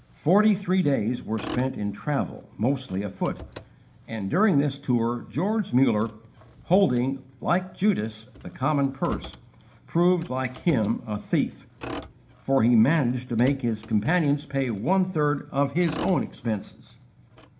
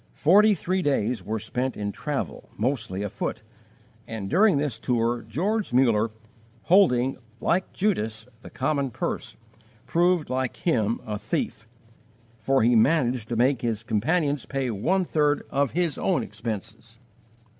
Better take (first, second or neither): second